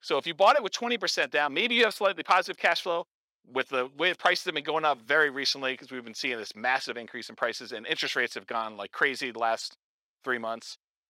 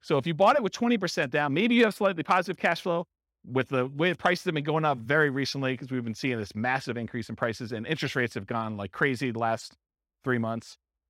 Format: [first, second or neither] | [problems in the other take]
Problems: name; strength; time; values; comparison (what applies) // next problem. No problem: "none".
second | thin; somewhat; fading below 500 Hz